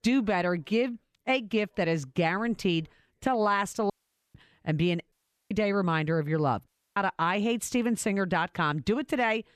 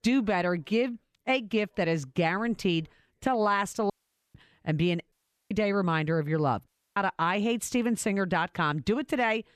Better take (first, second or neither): neither